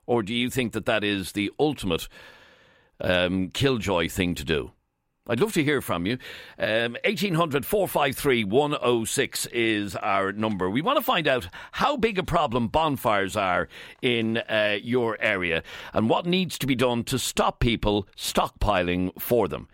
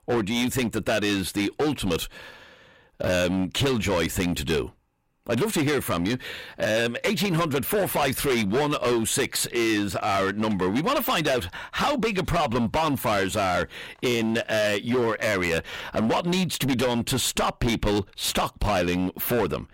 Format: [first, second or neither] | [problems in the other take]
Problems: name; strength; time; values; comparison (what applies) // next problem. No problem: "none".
first | distortion; heavy; 18% of the sound clipped